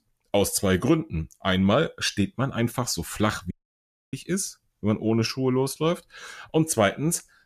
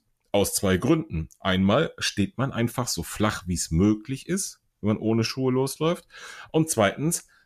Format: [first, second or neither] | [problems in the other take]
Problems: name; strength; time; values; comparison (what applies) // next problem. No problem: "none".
second | audio cutting out; at 3.5 s for 0.5 s